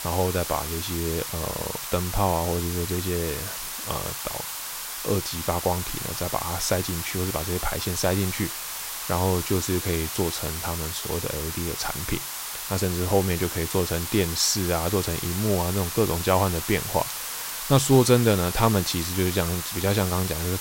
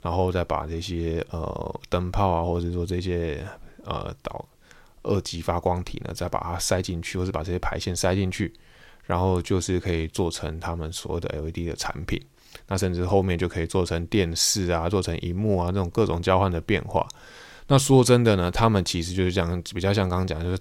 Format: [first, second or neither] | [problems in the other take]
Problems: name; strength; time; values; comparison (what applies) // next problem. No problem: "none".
second | hiss; loud; throughout; 4 dB below the speech